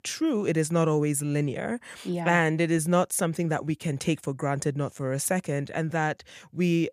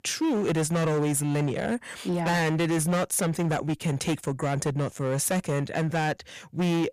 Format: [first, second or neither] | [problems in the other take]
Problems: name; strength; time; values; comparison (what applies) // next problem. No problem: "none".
first | distortion; heavy; 21% of the sound clipped